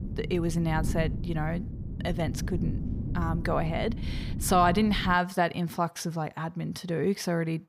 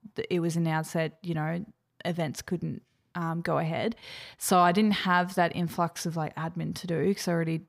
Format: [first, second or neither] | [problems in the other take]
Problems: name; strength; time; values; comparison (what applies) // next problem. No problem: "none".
second | wind noise on the microphone; occasional gusts; until 5 s; 15 dB below the speech